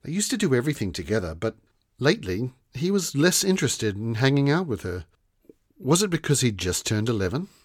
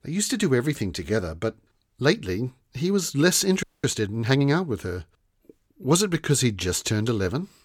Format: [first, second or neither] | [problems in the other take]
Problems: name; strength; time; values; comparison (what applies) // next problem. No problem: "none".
first | audio freezing; at 3.5 s